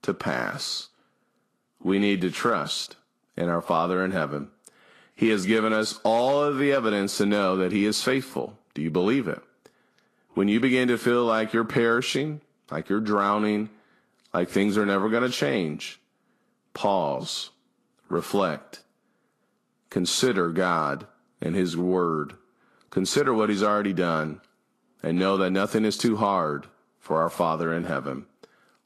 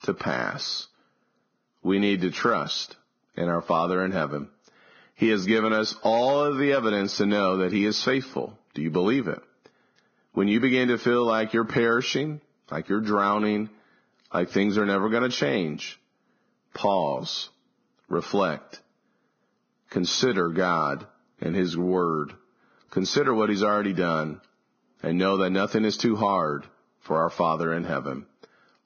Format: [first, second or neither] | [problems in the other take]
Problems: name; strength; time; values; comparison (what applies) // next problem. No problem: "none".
first | garbled, watery; badly; nothing above 6.5 kHz; slightly in the first